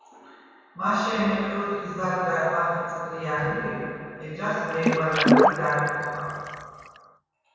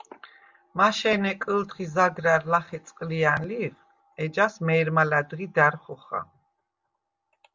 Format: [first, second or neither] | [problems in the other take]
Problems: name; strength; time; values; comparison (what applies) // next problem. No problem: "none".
second | background sound (Water / Splash, splatter); 3 dB above the speech // room echo; dies away in 2.1 s